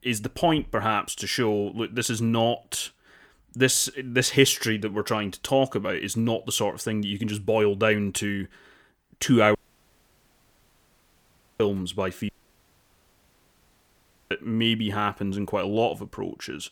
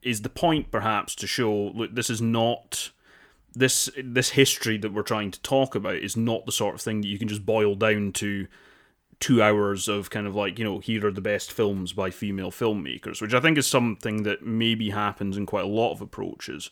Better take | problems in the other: second | audio cutting out; at 9.5 s for 2 s and at 12 s for 2 s

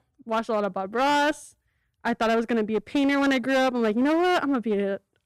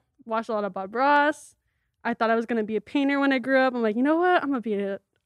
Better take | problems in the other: second | distortion; slight; 16% of the sound clipped

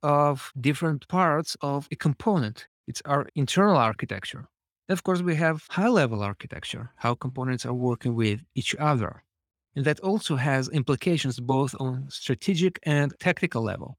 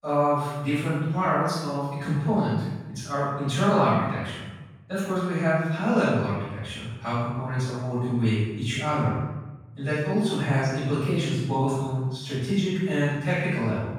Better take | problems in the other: first | off-mic speech; far // room echo; strong; dies away in 1 s

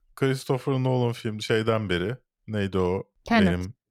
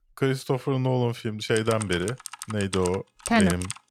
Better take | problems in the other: first | keyboard typing; noticeable; from 1.5 s on; peak 7 dB below the speech

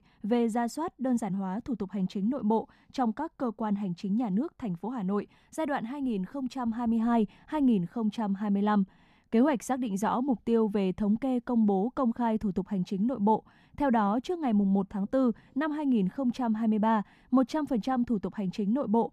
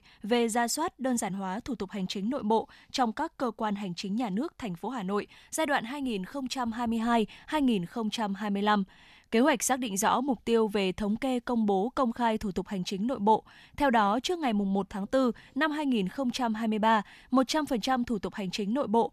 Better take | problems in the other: second | muffled; slightly; fading above 1.5 kHz

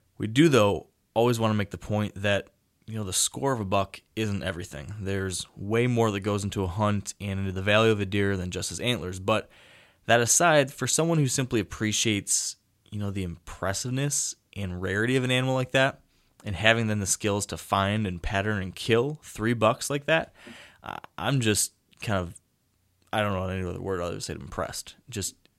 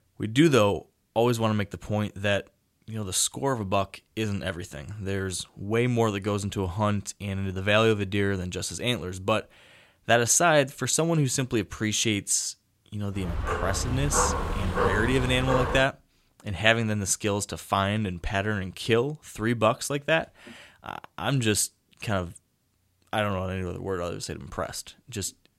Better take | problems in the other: first | dog barking; noticeable; from 13 to 16 s; peak level with the speech

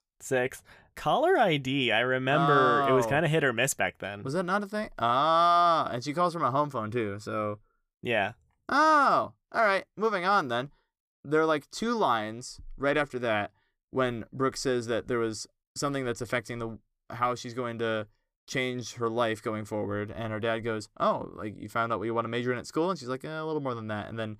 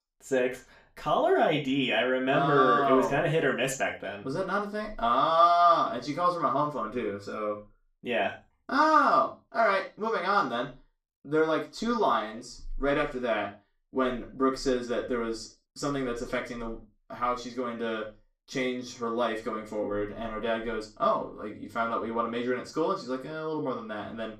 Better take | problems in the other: first | room echo; slight; dies away in 0.3 s // off-mic speech; far

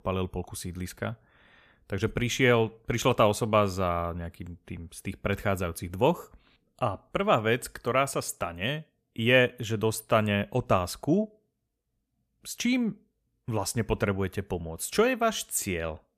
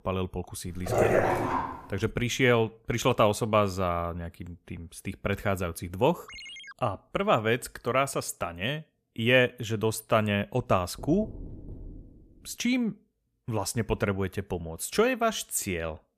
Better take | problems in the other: first | dog barking; loud; at 1 s; peak 4 dB above the speech // phone ringing; faint; at 6.5 s; peak 15 dB below the speech // door banging; faint; from 11 to 12 s; peak 15 dB below the speech

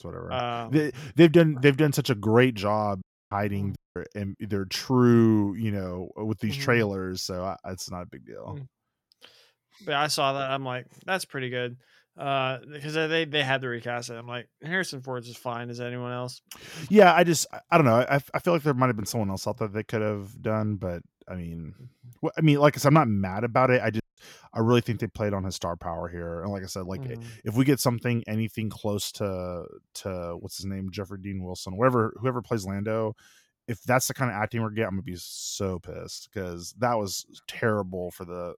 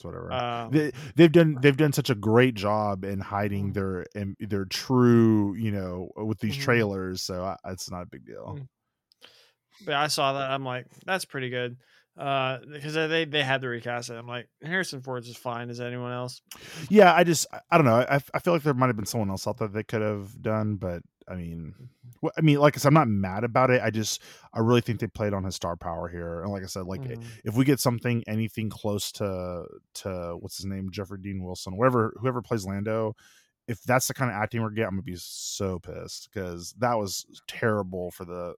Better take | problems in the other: second | audio cutting out; at 3 s, at 4 s and at 24 s

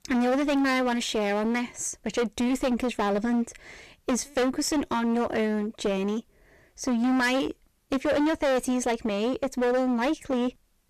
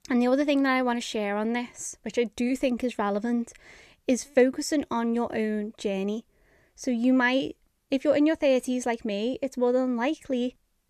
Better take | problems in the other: second | distortion; heavy; 21% of the sound clipped

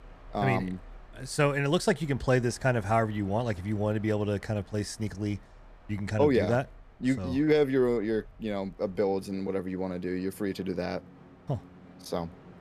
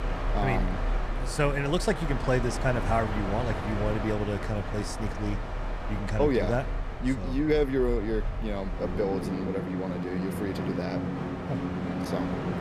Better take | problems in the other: first | train or aircraft noise; loud; throughout; 3 dB below the speech; faint in the first

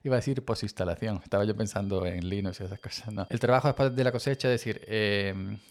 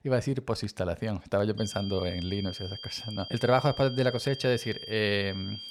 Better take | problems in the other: first | high-pitched whine; loud; from 1.5 s on; 3 kHz, 10 dB below the speech; faint in the first

